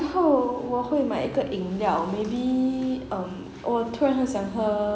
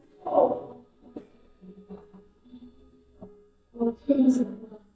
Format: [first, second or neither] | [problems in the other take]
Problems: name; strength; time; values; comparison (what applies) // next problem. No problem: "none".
first | noise reduction (neural mask model DeepFilterNet 3)